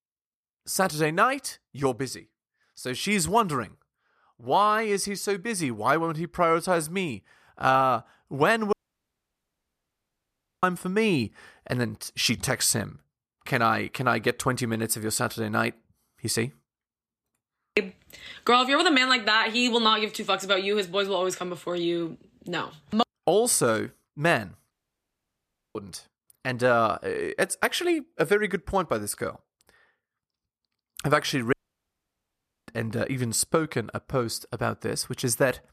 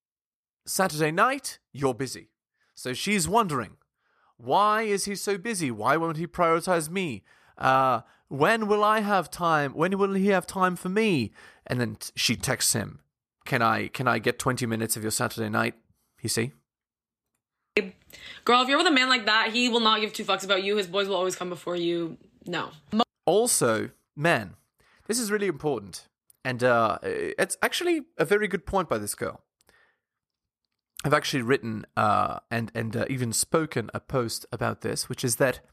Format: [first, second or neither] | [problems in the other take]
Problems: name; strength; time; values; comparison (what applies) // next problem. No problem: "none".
second | audio cutting out; at 8.5 s for 2 s, at 25 s for 1 s and at 32 s for 1 s